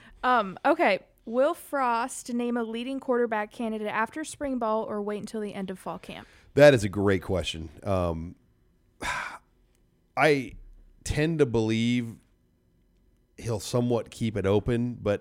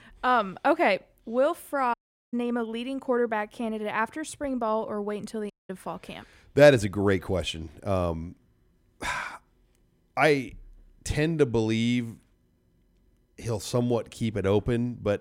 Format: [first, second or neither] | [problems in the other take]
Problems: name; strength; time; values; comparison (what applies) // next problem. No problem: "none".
first | audio cutting out; at 2 s and at 5.5 s